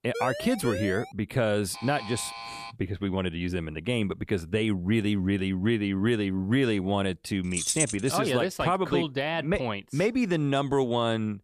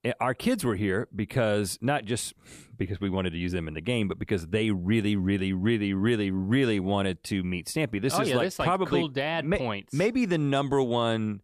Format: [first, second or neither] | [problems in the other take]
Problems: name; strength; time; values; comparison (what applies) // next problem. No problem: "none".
second | siren; noticeable; at the start; peak 7 dB below the speech // alarm; faint; at 1.5 s; peak 10 dB below the speech // jangling keys; loud; at 7.5 s; peak 1 dB above the speech